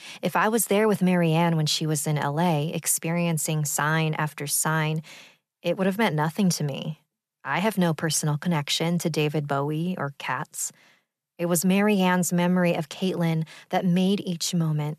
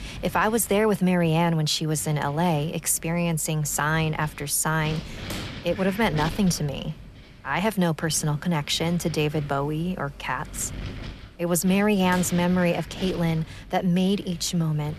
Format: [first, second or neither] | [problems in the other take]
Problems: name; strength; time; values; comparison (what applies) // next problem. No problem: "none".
first | wind noise on the microphone; occasional gusts; 15 dB below the speech